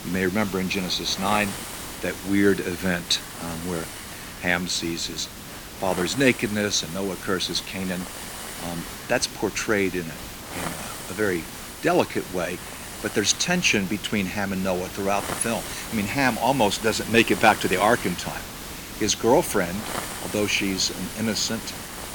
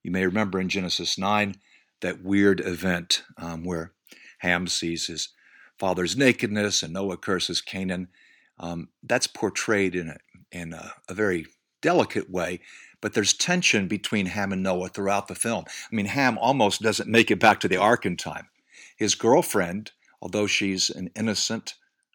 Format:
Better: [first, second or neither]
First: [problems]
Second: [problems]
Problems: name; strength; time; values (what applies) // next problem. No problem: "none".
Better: second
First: hiss; loud; throughout; 10 dB below the speech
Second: none